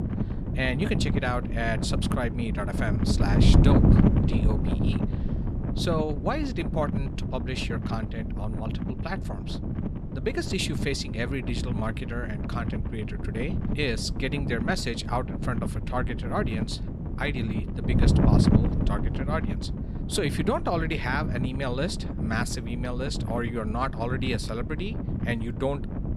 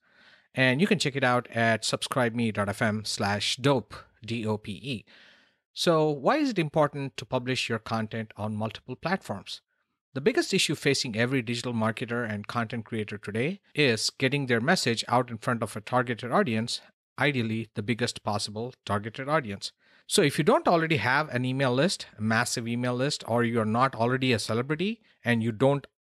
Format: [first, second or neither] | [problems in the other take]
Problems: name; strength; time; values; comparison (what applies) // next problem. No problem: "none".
second | wind noise on the microphone; heavy; 5 dB below the speech